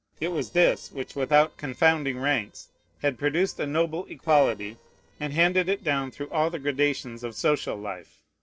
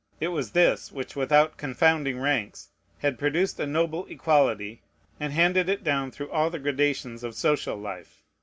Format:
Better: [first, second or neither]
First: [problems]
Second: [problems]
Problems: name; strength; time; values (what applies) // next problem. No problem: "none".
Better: second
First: noise reduction (neural separator model SepFormer DNS4)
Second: none